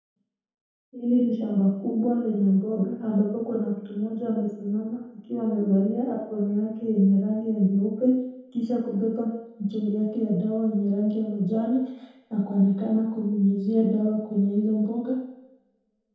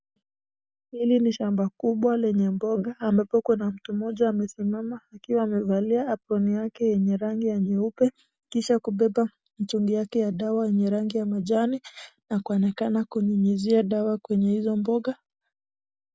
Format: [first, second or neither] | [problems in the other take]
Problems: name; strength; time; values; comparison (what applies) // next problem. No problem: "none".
second | room echo; dies away in 0.8 s